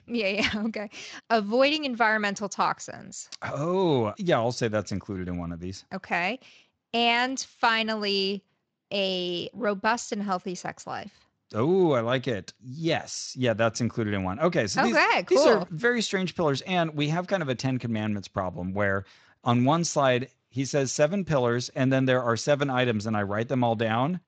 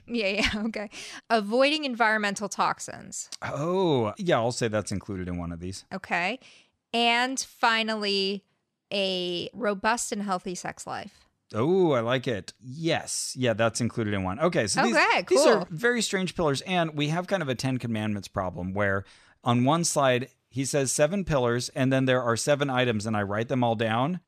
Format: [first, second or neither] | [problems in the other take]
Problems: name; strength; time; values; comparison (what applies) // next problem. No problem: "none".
second | garbled, watery; slightly; nothing above 7.5 kHz